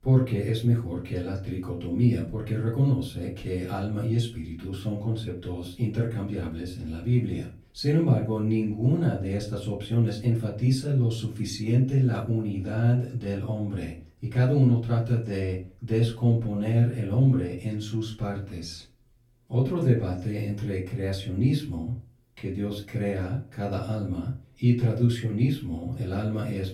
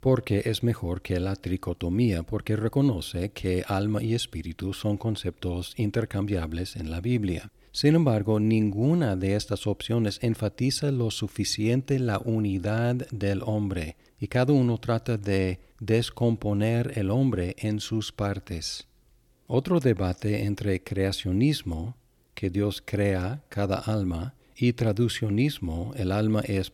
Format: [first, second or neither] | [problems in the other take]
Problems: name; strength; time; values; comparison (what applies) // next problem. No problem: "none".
second | off-mic speech; far // room echo; slight; dies away in 0.3 s